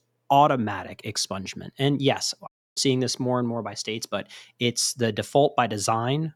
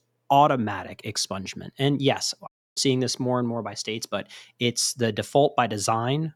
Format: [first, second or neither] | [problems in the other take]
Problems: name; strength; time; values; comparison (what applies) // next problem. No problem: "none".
neither | audio cutting out; at 2.5 s; the same in both